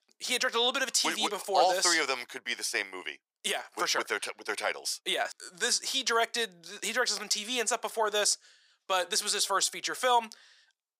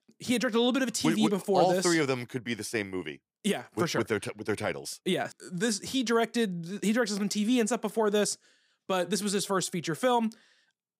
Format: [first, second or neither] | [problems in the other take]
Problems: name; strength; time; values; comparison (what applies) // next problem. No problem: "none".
second | thin; very; fading below 800 Hz